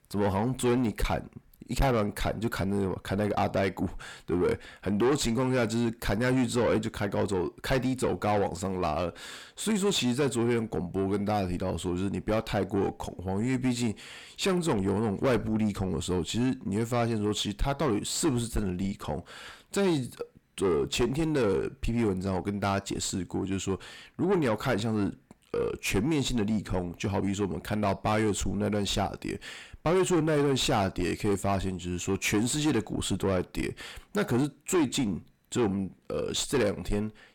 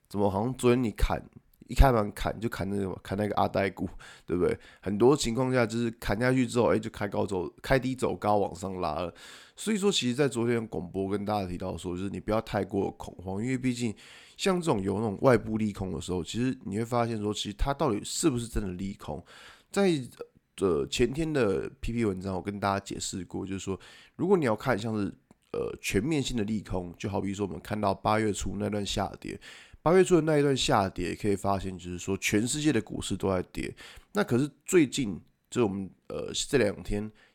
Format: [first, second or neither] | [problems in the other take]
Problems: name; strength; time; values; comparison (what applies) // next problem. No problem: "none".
second | distortion; heavy; 7 dB below the speech